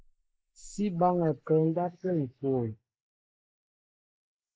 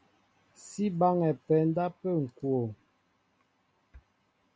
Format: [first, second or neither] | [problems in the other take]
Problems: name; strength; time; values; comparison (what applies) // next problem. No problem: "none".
second | noise reduction (neural mask model Resemble Enhance denoiser)